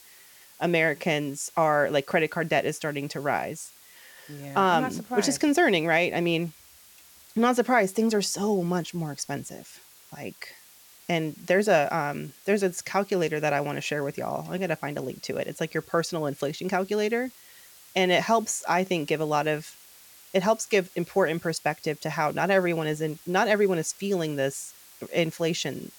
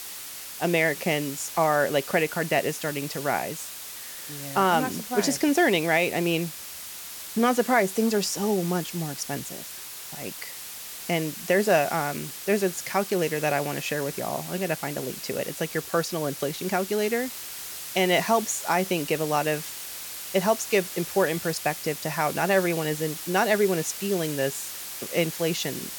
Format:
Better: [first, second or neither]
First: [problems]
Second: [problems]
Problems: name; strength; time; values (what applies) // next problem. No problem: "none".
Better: first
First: hiss; faint; throughout; 25 dB below the speech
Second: hiss; loud; throughout; 9 dB below the speech